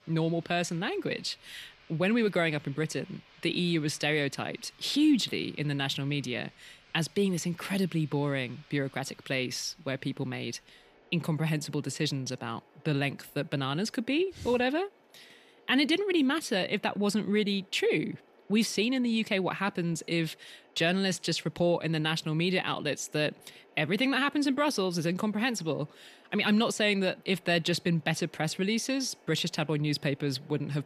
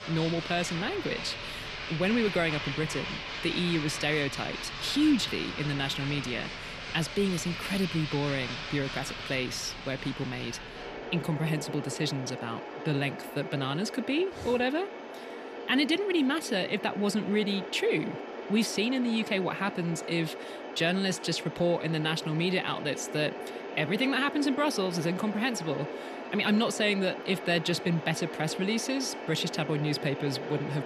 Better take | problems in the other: first | machinery noise; loud; throughout; 8 dB below the speech; faint in the first

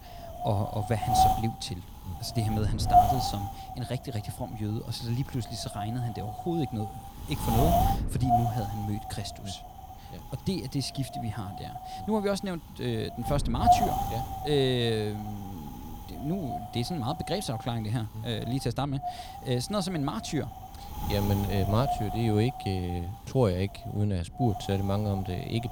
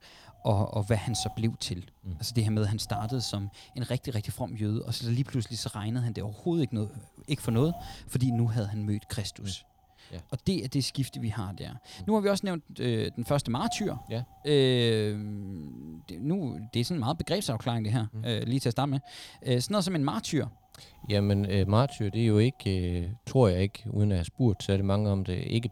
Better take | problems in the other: second | wind noise on the microphone; heavy; 5 dB above the speech; occasional gusts in the second

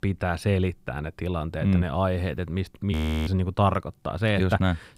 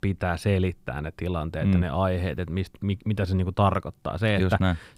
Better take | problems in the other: second | audio freezing; at 3 s

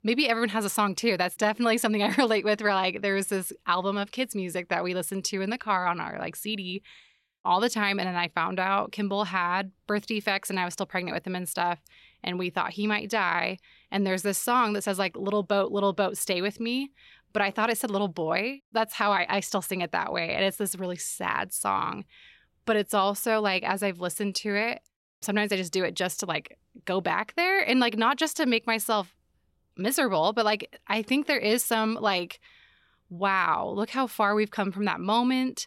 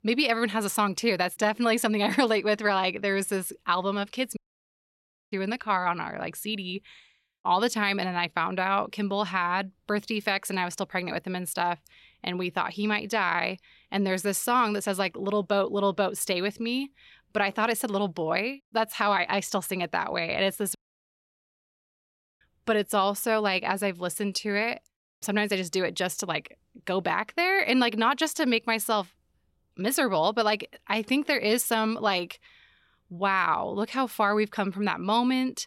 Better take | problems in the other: first | audio cutting out; at 4.5 s for 1 s and at 21 s for 1.5 s

